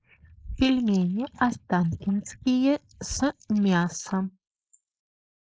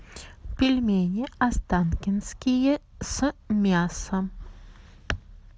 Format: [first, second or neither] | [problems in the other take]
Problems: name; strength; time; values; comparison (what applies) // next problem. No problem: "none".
second | noise reduction (neural mask model Resemble Enhance denoiser)